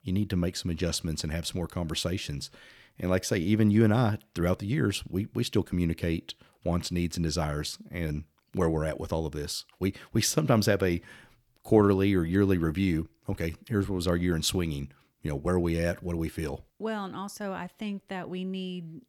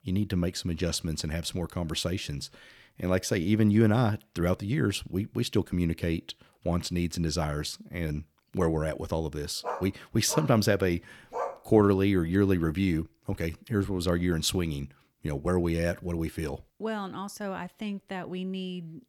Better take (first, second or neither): first